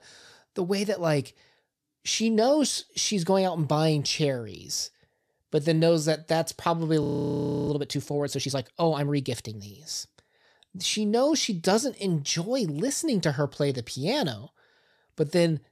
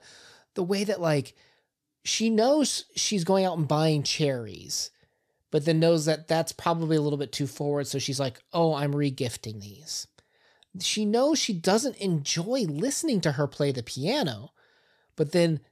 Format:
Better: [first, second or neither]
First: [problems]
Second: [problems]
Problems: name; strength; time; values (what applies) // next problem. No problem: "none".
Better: second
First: audio freezing; at 7 s for 0.5 s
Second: none